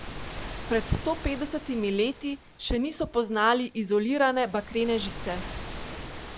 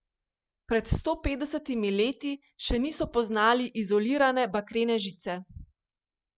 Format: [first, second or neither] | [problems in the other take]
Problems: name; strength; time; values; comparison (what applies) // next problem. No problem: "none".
second | background sound (Waves, surf); 11 dB below the speech